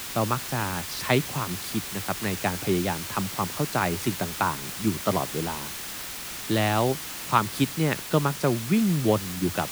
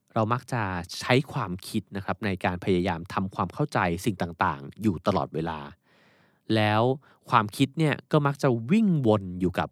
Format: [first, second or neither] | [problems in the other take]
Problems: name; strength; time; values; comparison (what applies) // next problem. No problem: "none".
second | hiss; loud; throughout; 6 dB below the speech